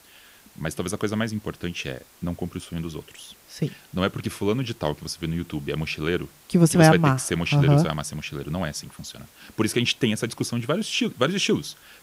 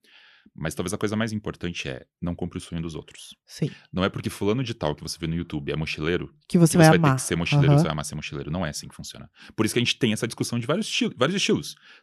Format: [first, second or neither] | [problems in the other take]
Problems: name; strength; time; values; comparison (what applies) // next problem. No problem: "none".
second | hiss; faint; throughout; 25 dB below the speech